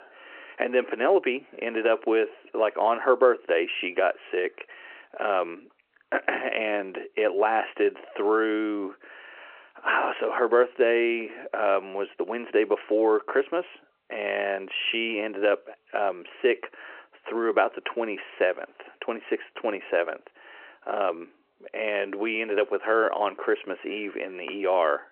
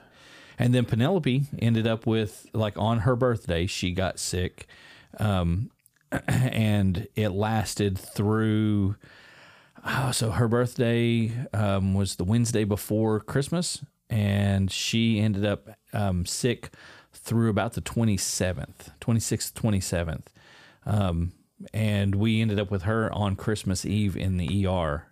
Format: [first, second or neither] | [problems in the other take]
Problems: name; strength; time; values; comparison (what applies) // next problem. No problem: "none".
second | phone-call audio; nothing above 3 kHz